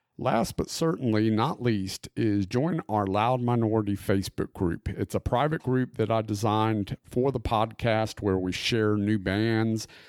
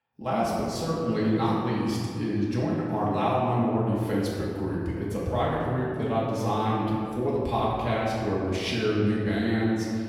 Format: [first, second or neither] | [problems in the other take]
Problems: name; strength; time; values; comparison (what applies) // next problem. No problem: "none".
first | room echo; noticeable; dies away in 2 s // off-mic speech; far